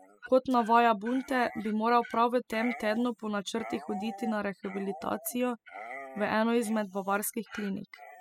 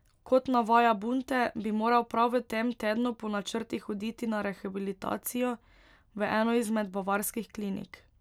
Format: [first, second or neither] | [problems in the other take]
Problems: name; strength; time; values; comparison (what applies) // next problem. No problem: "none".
second | noise reduction (classical method spectral subtraction)